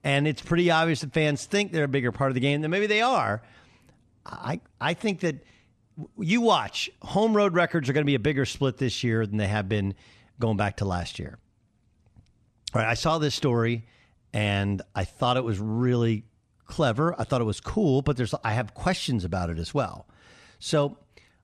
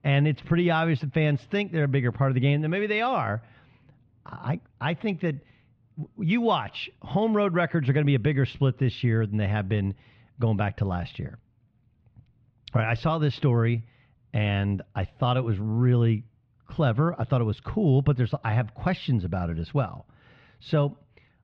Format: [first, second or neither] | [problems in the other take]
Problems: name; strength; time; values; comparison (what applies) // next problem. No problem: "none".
first | muffled; slightly; fading above 3.5 kHz